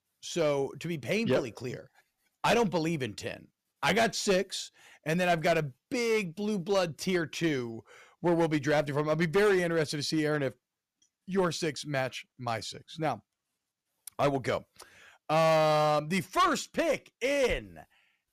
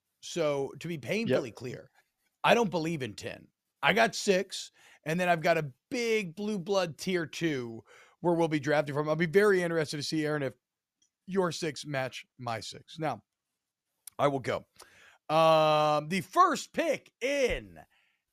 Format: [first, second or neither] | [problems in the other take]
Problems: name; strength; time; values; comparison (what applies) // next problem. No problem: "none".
second | distortion; slight; 5% of the sound clipped